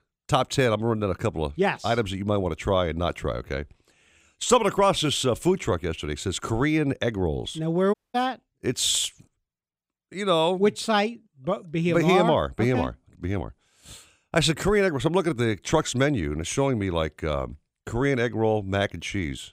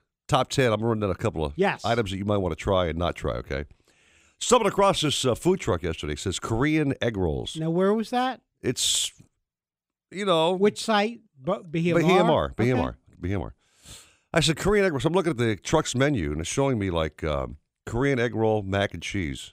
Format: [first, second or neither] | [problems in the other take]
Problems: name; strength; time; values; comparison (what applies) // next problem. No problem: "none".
second | audio cutting out; at 8 s